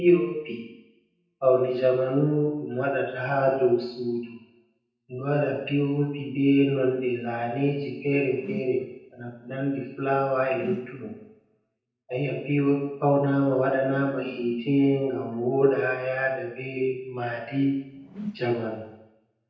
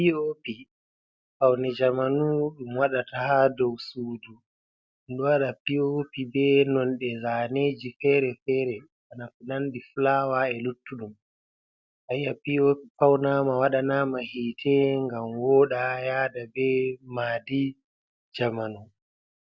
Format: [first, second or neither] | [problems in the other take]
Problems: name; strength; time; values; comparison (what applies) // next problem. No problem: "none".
second | background sound (Whoosh, swoosh, swish); 16 dB below the speech // room echo; dies away in 0.8 s